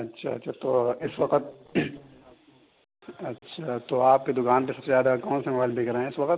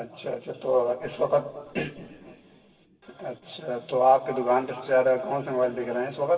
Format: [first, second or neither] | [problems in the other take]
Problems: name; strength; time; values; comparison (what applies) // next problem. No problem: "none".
first | room echo; dies away in 2.6 s